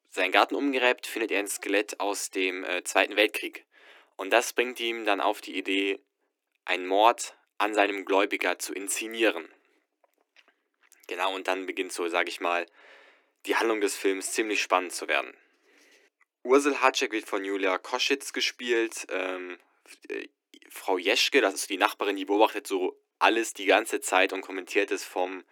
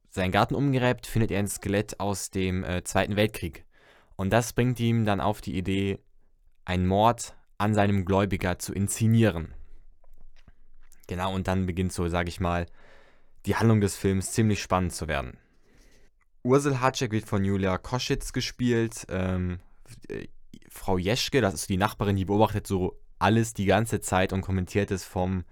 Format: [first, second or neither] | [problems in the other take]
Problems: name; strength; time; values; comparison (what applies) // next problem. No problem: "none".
second | thin; somewhat; fading below 300 Hz